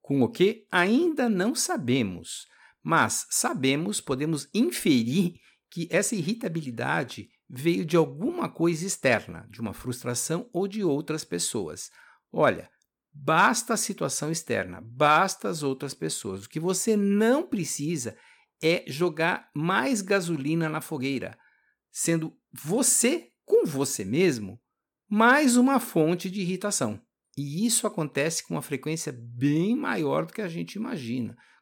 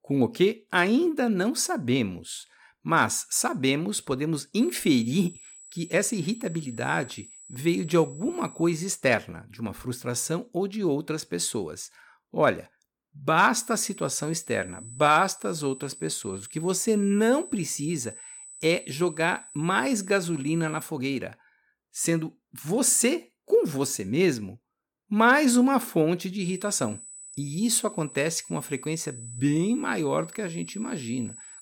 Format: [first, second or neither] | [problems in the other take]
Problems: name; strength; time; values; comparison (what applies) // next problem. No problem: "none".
first | high-pitched whine; noticeable; from 4.5 to 9 s, from 14 to 21 s and from 26 s on; 8 kHz, 15 dB below the speech